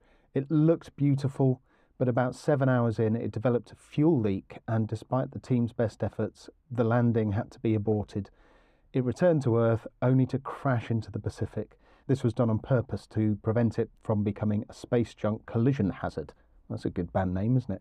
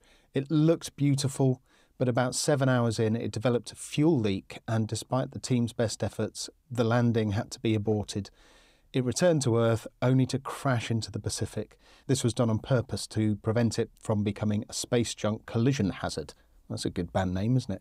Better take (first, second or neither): second